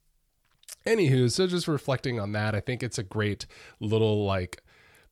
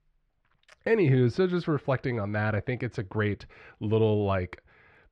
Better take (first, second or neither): first